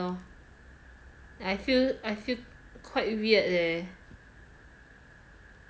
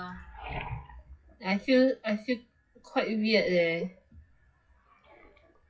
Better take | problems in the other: first | noise reduction (classical method WPE with log-MMSE)

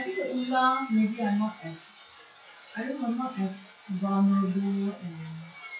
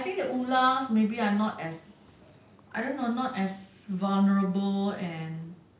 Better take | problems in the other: second | noise reduction (classical method log-MMSE)

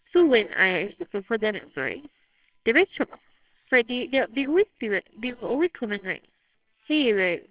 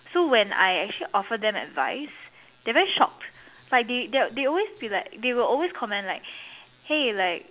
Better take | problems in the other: second | noise reduction (neural separator model SepFormer WHAMR!)

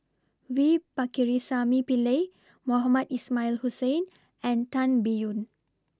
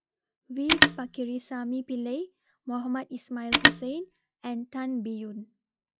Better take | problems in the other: first | noise reduction (classical method log-MMSE)

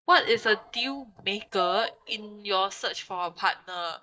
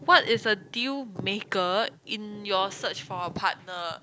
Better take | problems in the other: second | noise reduction (neural mask model DeepFilterNet 3)

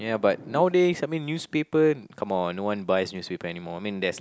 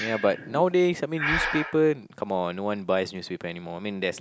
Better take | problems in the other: first | background sound (Breathing); 9 dB below the speech

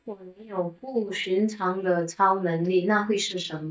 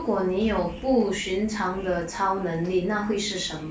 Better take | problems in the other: second | noise reduction (neural mask model DeepFilterNet 3)

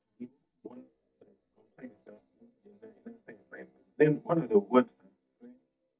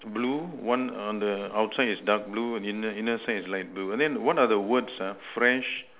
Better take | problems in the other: second | noise reduction (neural mask model DeepFilterNet 3)

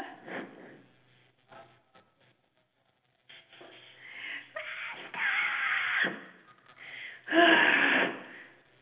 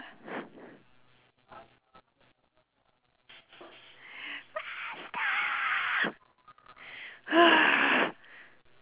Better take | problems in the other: second | room echo; dies away in 0.8 s

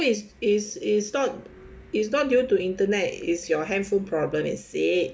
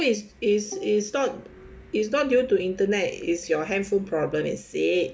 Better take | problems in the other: first | background sound (Bowed string instrument); 19 dB below the speech

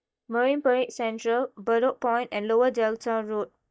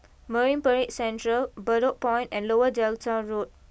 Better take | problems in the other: second | noise reduction (neural mask model DeepFilterNet 3)

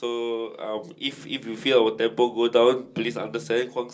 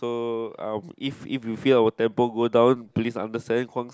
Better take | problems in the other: second | room echo; dies away in 0.2 s

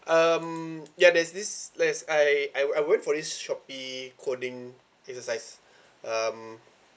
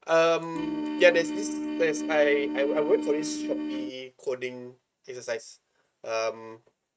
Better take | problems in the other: first | noise reduction (neural mask model RNNoise)

